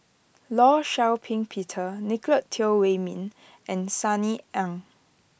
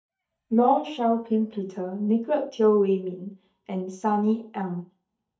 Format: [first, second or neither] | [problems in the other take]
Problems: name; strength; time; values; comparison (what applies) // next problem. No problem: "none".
first | noise reduction (neural mask model DeepFilterNet 3)